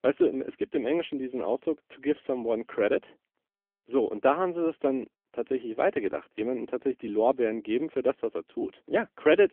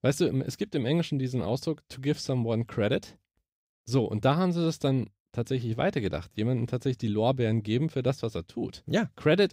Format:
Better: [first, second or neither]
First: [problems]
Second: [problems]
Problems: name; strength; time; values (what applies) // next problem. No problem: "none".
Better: second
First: phone-call audio; nothing above 3.5 kHz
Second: none